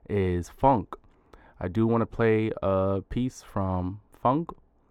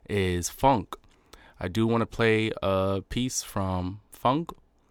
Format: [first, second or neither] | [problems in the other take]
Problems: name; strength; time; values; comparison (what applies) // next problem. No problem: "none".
second | muffled; very; fading above 2.5 kHz